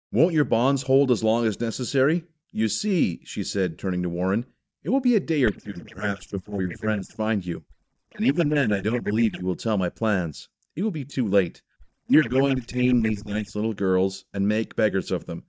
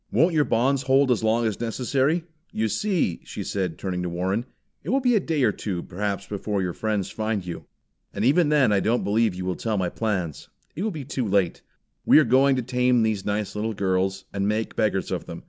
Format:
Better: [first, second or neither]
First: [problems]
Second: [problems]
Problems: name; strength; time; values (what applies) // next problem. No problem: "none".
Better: second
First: noise reduction (neural mask model DeepFilterNet 3)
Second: none